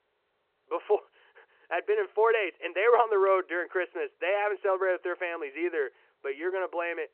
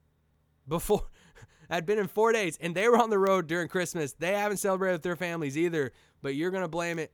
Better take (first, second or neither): second